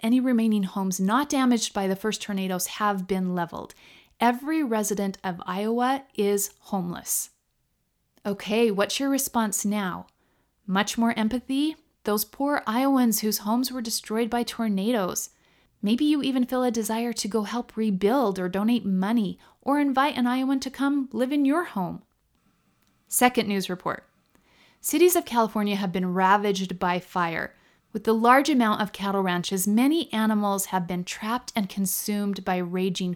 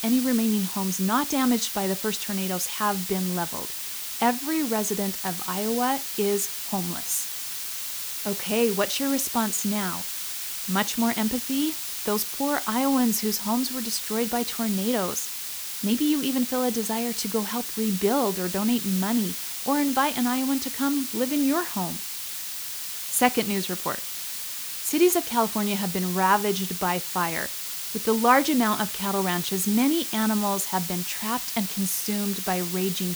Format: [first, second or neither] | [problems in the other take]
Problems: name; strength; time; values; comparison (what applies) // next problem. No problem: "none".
first | hiss; loud; throughout; 4 dB below the speech